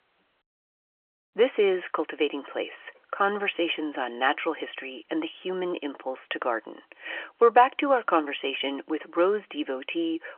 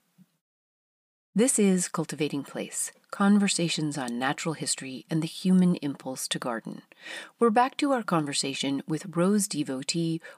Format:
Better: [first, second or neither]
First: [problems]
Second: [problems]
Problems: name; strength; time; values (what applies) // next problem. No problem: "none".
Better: second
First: phone-call audio; nothing above 3 kHz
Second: none